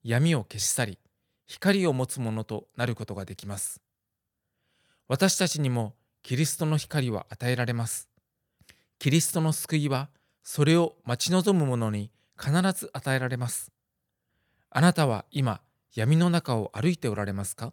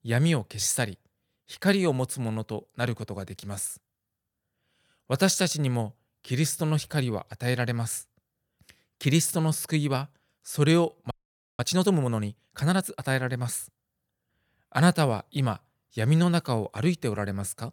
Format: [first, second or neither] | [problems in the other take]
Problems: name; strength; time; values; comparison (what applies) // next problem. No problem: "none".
first | audio freezing; at 11 s